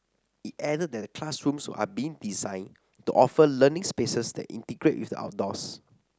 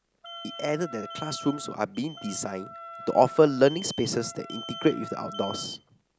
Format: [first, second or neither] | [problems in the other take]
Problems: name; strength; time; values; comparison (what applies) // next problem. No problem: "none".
first | background sound (Alarm + Wind instrument, woodwind instrument); 14 dB below the speech